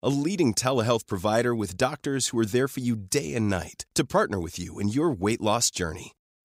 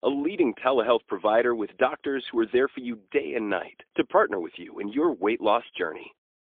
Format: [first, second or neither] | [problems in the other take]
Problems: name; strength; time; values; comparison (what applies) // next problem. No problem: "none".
first | phone-call audio; poor line; nothing above 3.5 kHz